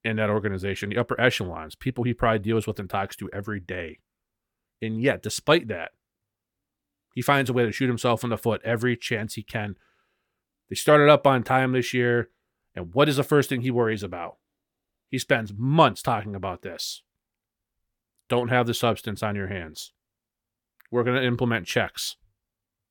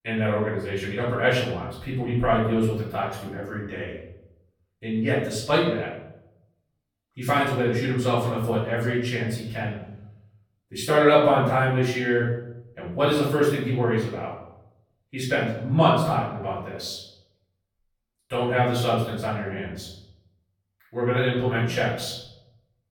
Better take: first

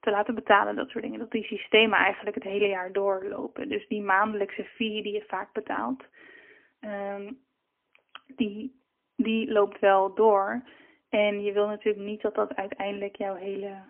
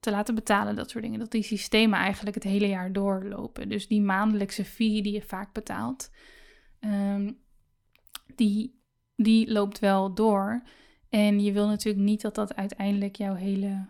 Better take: second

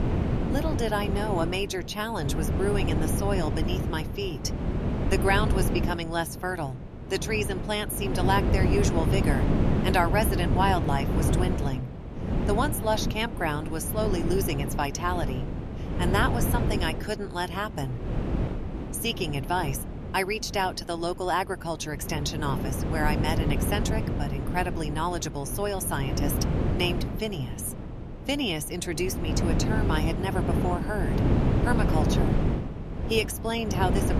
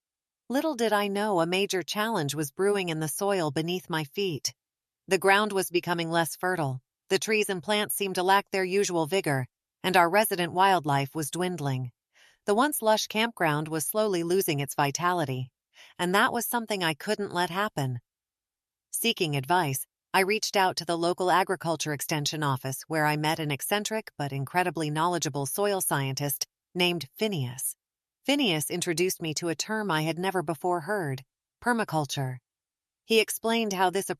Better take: second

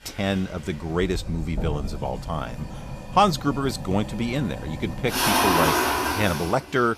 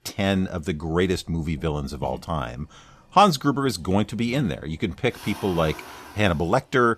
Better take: second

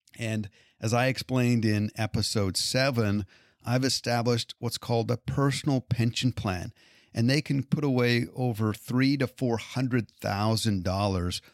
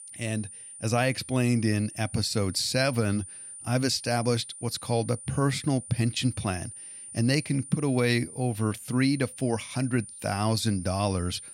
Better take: first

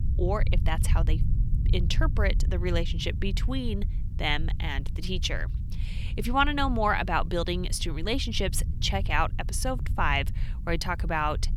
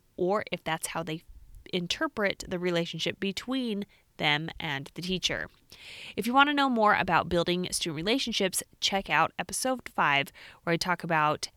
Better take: second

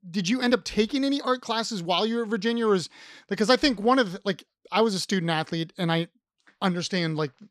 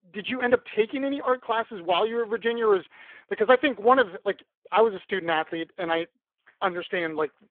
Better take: first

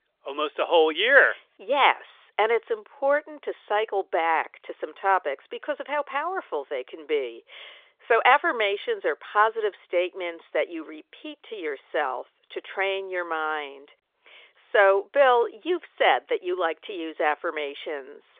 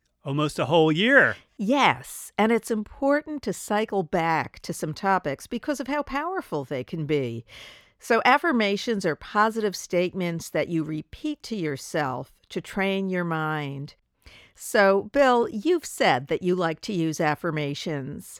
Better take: second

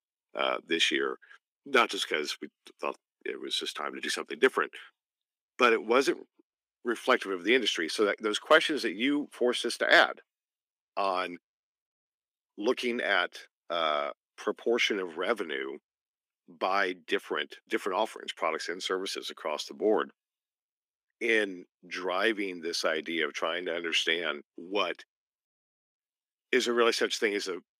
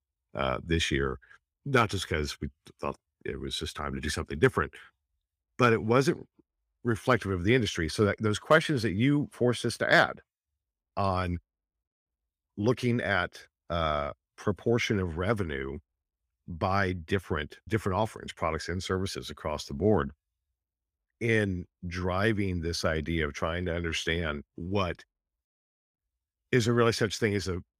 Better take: second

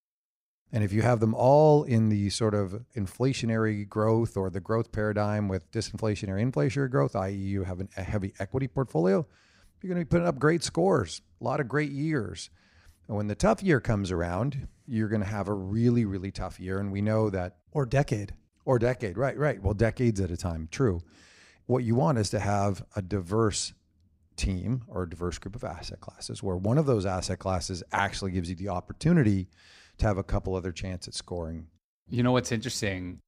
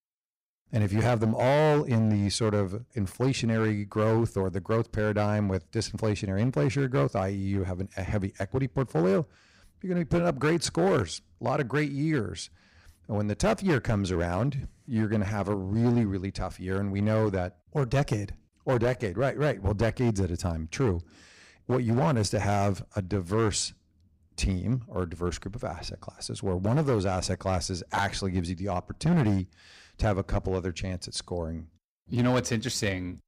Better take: first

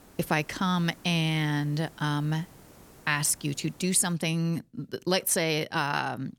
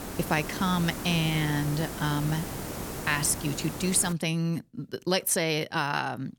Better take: first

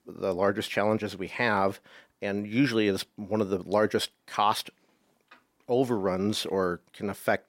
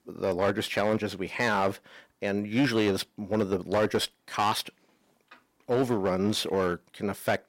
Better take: first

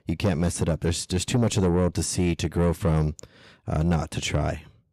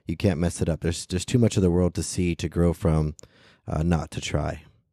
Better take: second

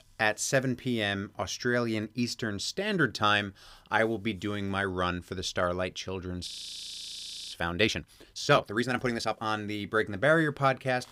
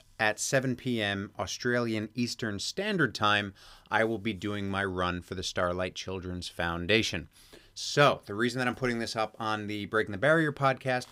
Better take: second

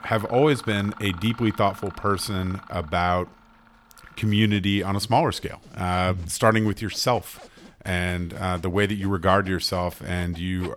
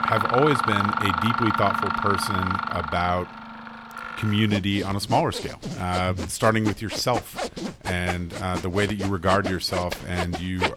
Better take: first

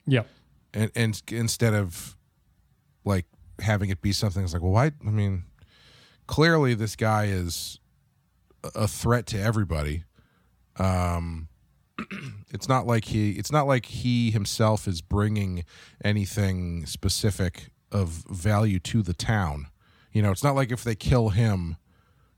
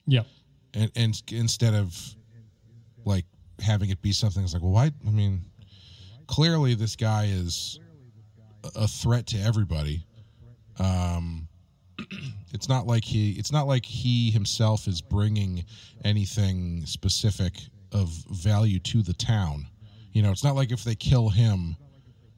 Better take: first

